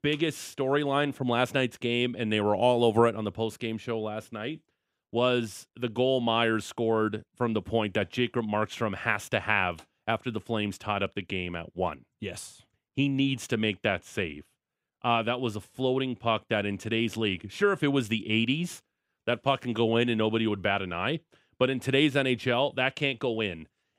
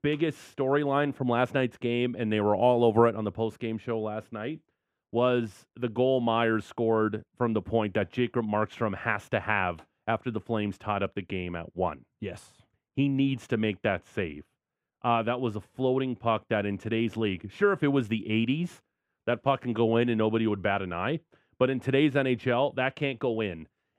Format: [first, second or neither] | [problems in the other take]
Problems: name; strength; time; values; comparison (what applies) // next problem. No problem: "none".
first | muffled; slightly; fading above 2.5 kHz